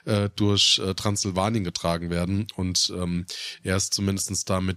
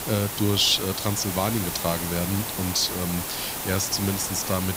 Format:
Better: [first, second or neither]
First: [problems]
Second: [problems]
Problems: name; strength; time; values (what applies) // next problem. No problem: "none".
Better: first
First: none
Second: hiss; loud; throughout; 4 dB below the speech